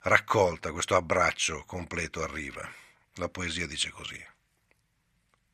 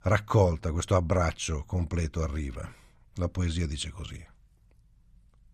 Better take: second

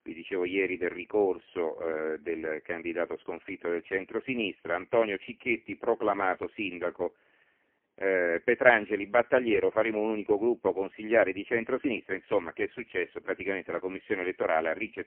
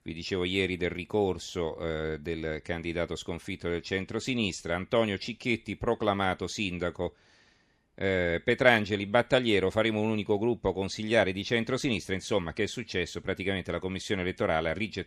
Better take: second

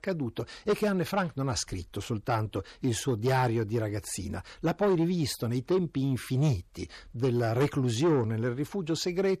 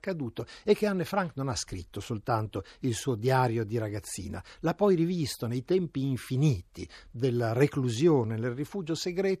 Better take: second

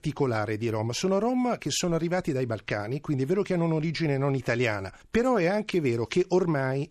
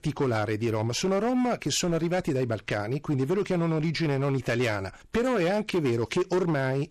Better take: first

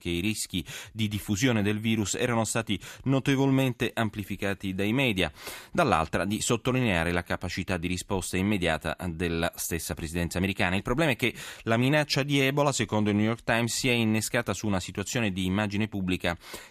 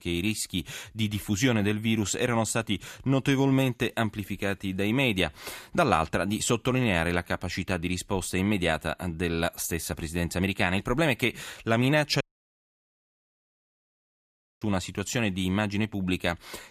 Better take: first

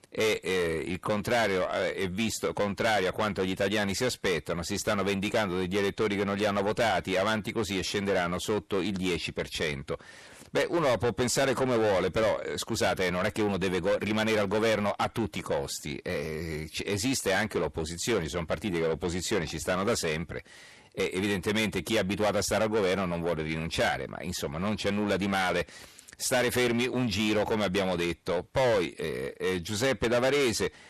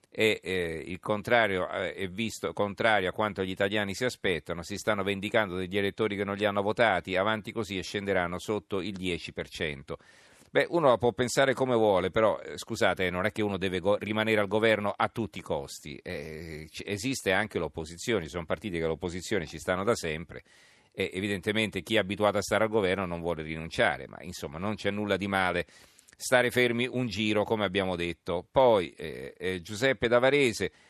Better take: second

